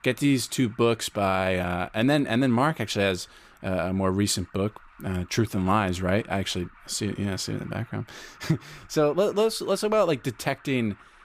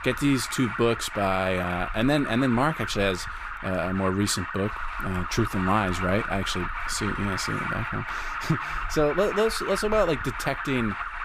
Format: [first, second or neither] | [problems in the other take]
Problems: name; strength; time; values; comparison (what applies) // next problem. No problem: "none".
first | alarms or sirens; loud; throughout; 6 dB below the speech; faint in the first